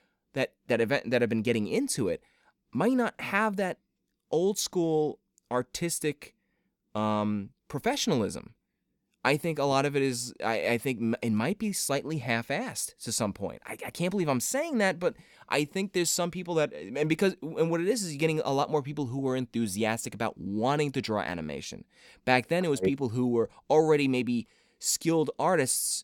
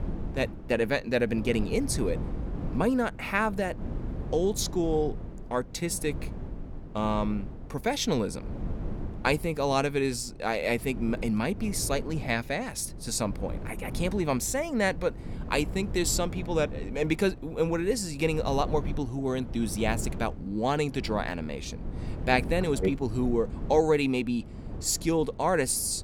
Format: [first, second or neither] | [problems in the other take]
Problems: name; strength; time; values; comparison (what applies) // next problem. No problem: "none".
first | wind noise on the microphone; occasional gusts; 15 dB below the speech